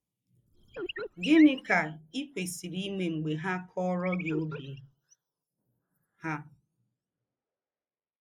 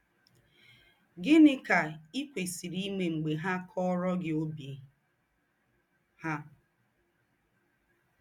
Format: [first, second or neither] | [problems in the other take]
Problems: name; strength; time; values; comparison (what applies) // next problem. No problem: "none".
second | noise reduction (neural mask model Resemble Enhance denoiser)